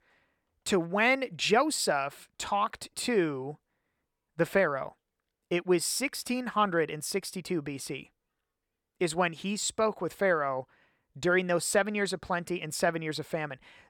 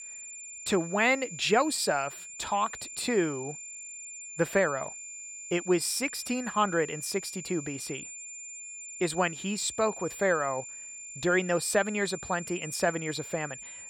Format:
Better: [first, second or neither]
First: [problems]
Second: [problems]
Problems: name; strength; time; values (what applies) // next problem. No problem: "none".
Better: first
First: none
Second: high-pitched whine; noticeable; throughout; 7 kHz, 10 dB below the speech